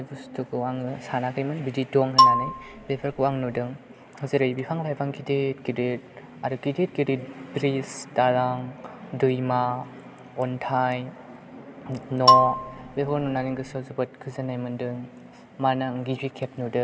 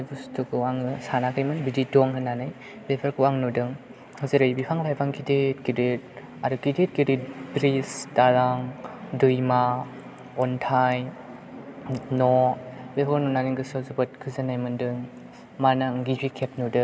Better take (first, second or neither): second